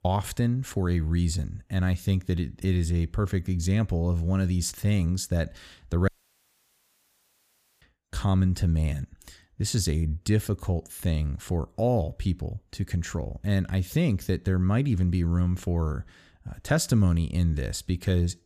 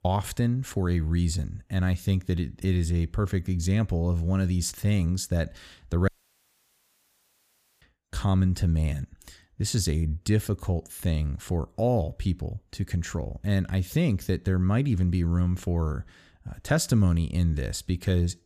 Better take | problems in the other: neither | audio cutting out; at 6 s for 1.5 s; the same in both

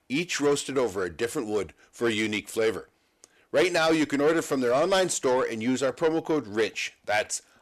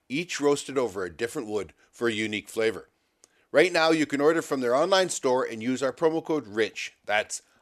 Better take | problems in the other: second | distortion; slight; 10 dB below the speech

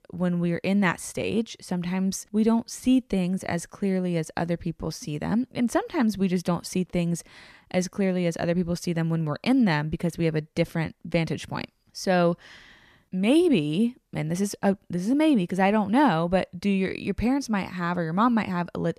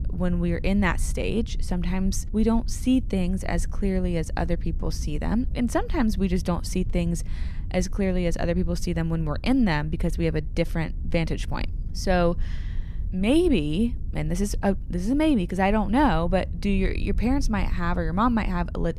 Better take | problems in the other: first | low rumble; faint; throughout; 20 dB below the speech

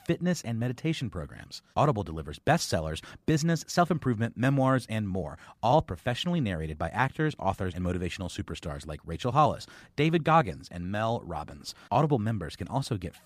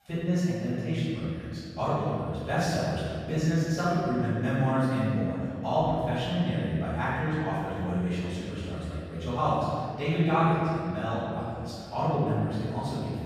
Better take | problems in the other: first | off-mic speech; far // room echo; strong; dies away in 2.3 s

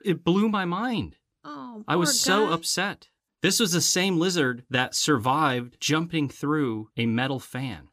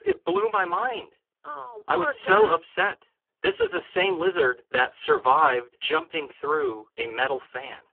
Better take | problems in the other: first | phone-call audio; poor line

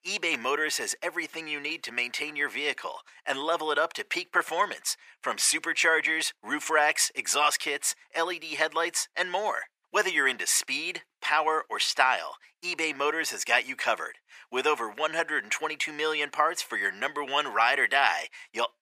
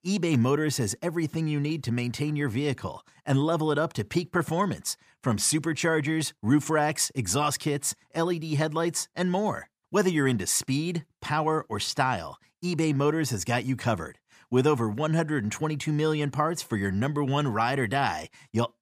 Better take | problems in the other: second | thin; very; fading below 500 Hz

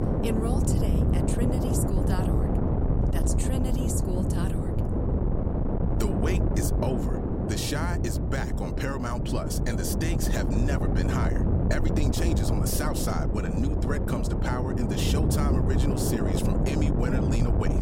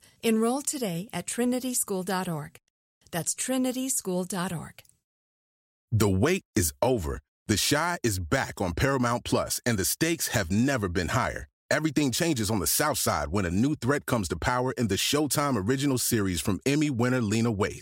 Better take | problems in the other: second | wind noise on the microphone; heavy; 1 dB above the speech

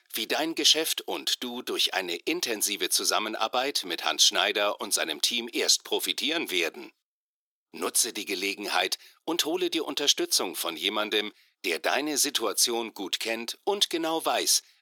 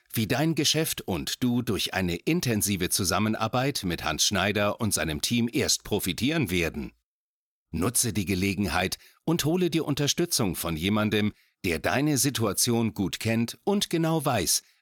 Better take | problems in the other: second | thin; very; fading below 350 Hz

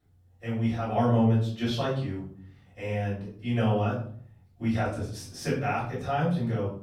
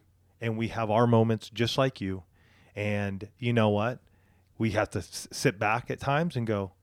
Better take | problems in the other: second | room echo; noticeable; dies away in 0.6 s // off-mic speech; far

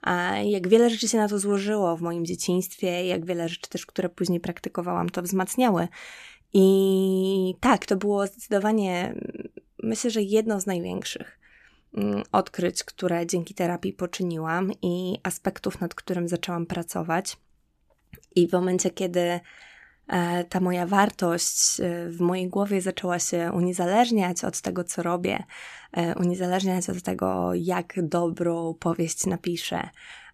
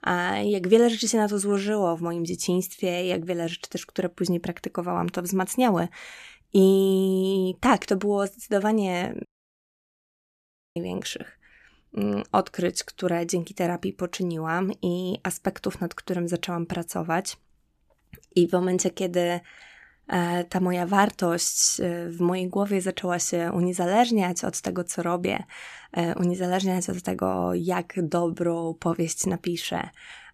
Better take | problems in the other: first | audio cutting out; at 9.5 s for 1.5 s

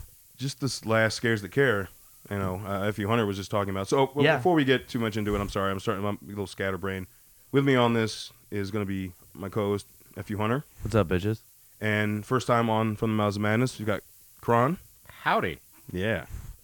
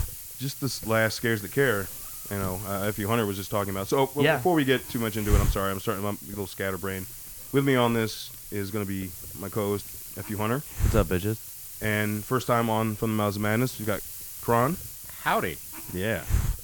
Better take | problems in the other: first | hiss; loud; throughout; 8 dB below the speech; faint in the first

